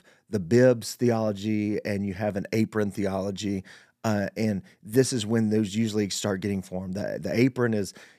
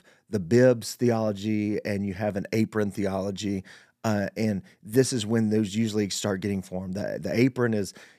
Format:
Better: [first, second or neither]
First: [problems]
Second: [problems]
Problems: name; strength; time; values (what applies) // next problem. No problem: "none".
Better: neither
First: none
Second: none